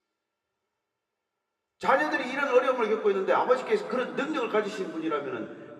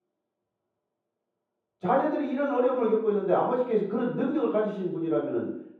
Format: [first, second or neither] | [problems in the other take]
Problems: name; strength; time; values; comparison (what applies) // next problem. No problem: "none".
first | room echo; strong; dies away in 0.9 s; slight in the first // off-mic speech; far